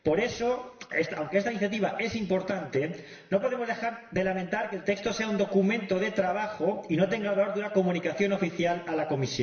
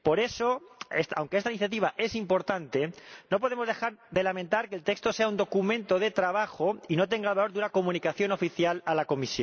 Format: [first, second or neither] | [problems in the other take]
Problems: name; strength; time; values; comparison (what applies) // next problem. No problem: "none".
second | room echo; dies away in 1 s